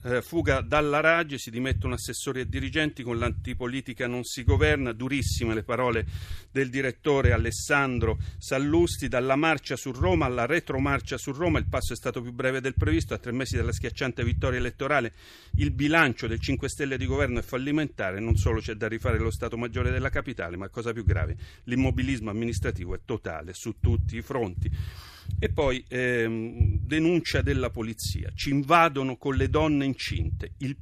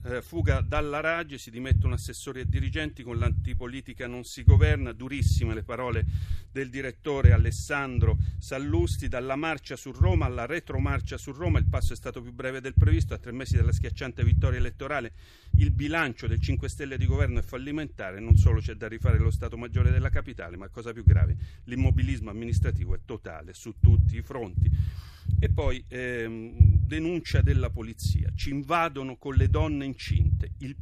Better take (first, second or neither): first